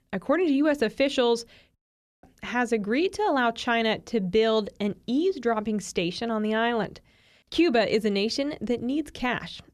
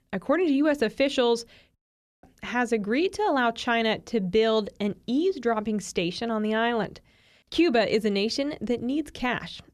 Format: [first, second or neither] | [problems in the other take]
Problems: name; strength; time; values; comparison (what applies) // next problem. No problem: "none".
neither | audio cutting out; at 2 s; the same in both